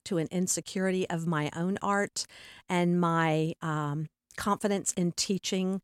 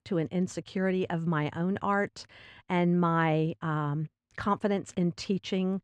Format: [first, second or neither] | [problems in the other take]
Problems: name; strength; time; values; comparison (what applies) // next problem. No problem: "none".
first | muffled; slightly; fading above 3 kHz